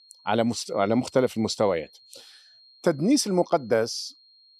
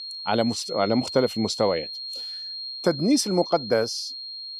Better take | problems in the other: first | high-pitched whine; loud; throughout; 4 kHz, 8 dB below the speech; faint in the first

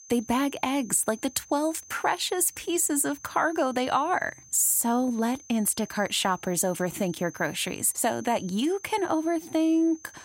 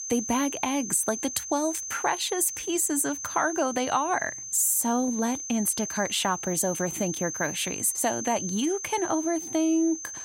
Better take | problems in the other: first | high-pitched whine; loud; throughout; 6.5 kHz, 7 dB below the speech; faint in the first

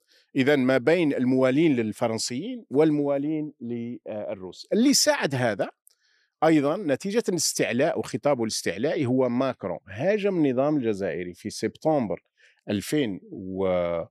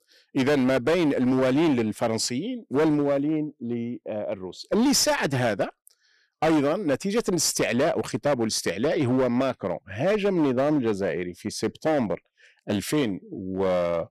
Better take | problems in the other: first | distortion; slight; 12% of the sound clipped

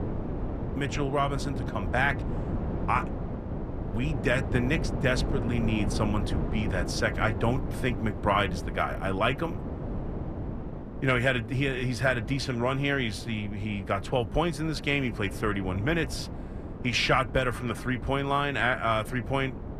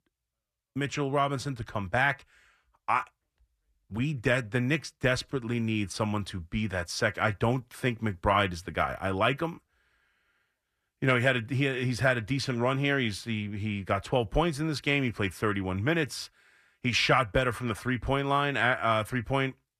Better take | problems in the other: second | wind noise on the microphone; occasional gusts; 10 dB below the speech

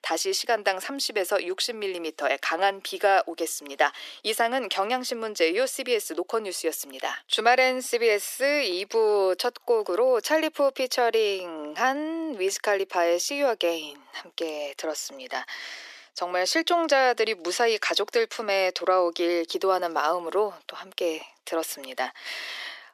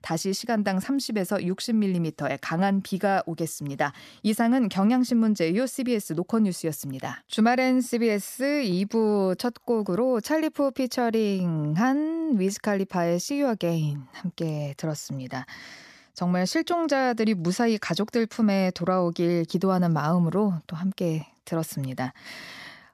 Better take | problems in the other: second | thin; very; fading below 350 Hz

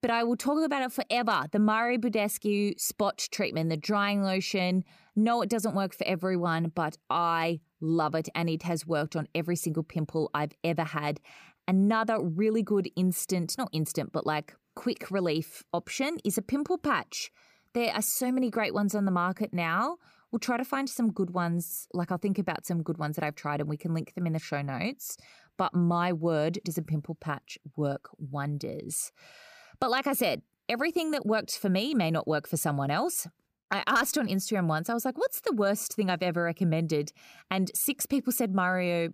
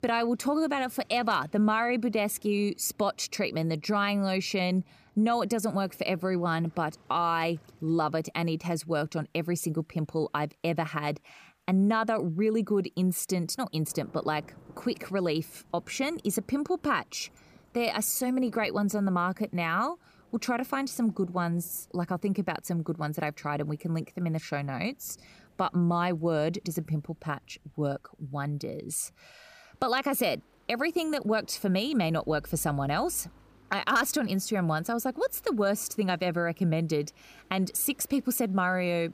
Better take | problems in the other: first | rain or running water; faint; throughout; 30 dB below the speech

